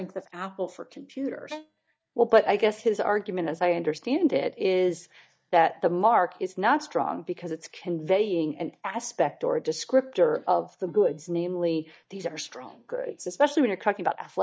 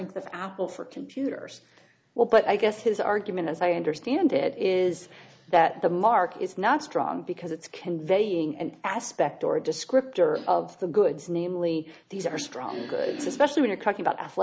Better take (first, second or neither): second